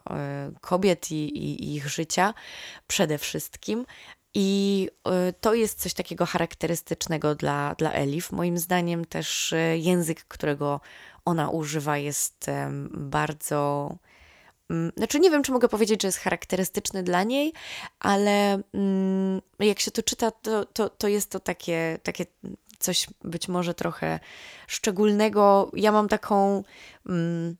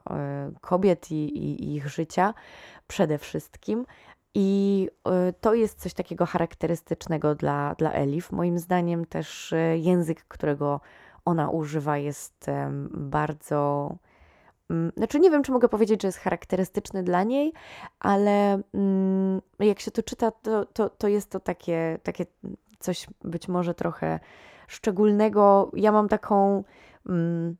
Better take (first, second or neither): first